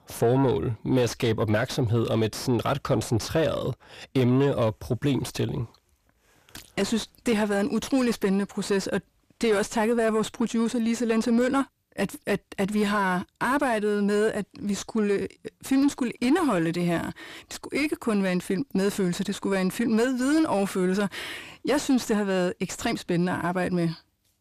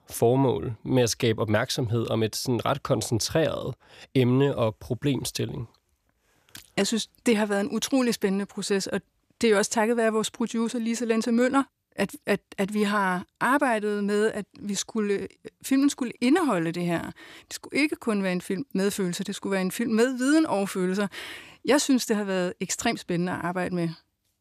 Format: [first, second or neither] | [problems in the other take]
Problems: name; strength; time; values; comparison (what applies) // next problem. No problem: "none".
second | distortion; slight; 10 dB below the speech